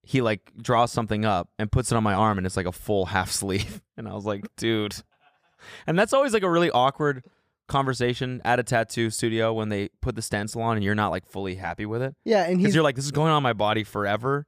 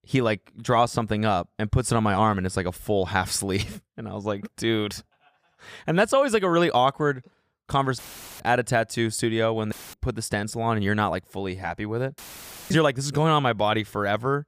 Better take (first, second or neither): first